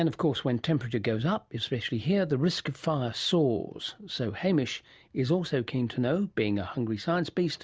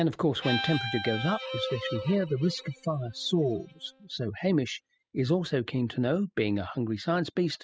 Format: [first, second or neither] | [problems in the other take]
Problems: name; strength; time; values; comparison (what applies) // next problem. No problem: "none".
first | noise reduction (classical method spectral subtraction)